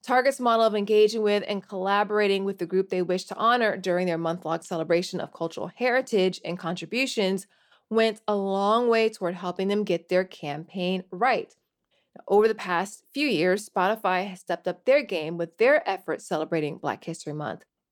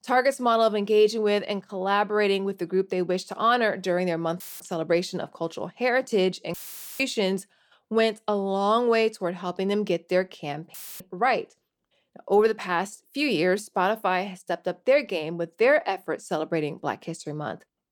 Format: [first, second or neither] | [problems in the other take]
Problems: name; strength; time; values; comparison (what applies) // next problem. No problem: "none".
first | audio cutting out; filled with static; at 4.5 s, at 6.5 s and at 11 s